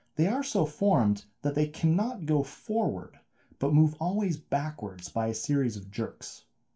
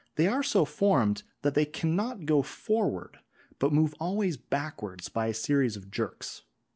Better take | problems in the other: second | room echo; dies away in 0.2 s

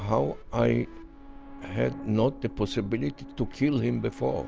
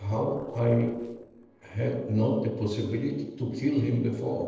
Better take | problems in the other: first | noise reduction (neural separator model SepFormer DNS4)

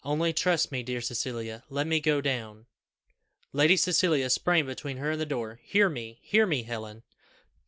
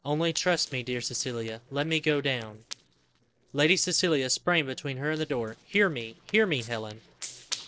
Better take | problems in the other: first | noise reduction (neural separator model SepFormer DNS4)

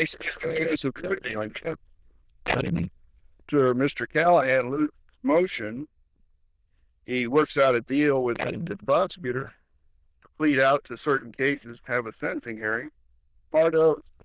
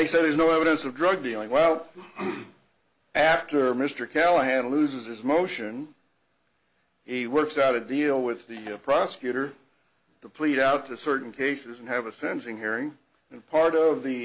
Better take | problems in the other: second | noise reduction (neural diffusion model UNIVERSE++)

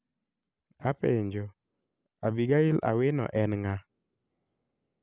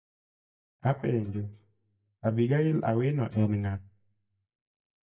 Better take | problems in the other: first | noise reduction (neural mask model DeepFilterNet 3)

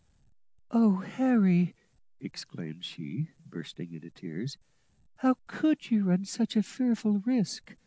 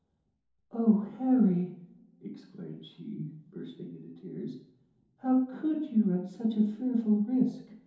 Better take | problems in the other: first | room echo; dies away in 2.8 s

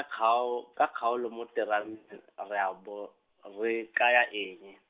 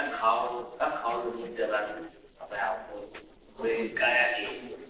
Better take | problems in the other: first | noise reduction (neural separator model SepFormer DNS4)

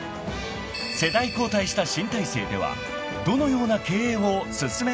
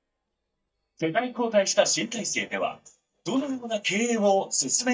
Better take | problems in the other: first | noise reduction (neural mask model DeepFilterNet 3)

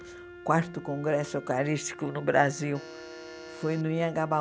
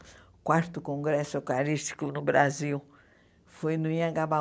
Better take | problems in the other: second | background sound (Wind instrument, woodwind instrument + Alarm); 16 dB below the speech

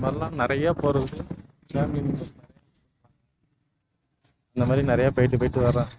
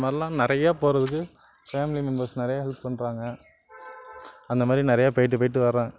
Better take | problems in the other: second | noise reduction (neural mask model RNNoise)

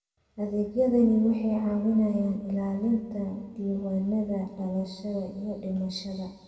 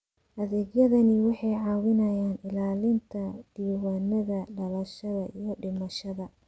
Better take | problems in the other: second | room echo; dies away in 1.9 s

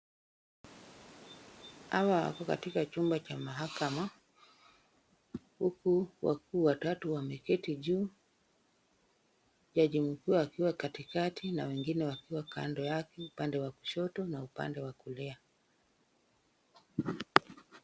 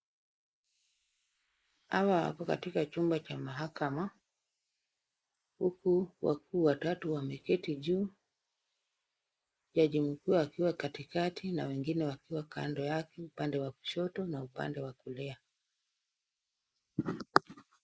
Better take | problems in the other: first | noise reduction (neural mask model Resemble Enhance denoiser)

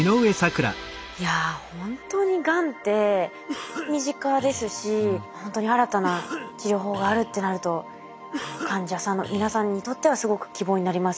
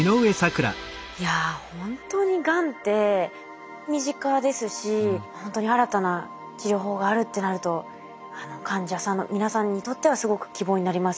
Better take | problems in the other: second | background sound (Cough); 13 dB below the speech

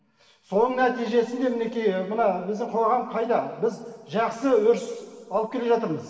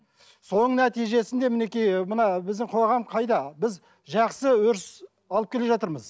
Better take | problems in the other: second | room echo; dies away in 2 s

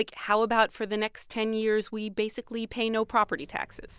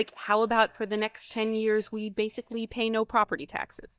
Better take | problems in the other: first | noise reduction (neural mask model DeepFilterNet 3)

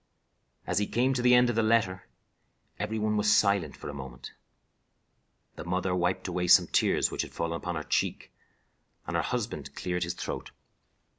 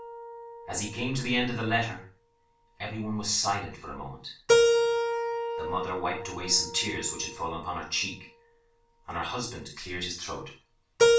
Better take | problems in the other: first | background sound (Keyboard (musical)); 2 dB above the speech // room echo; dies away in 0.3 s

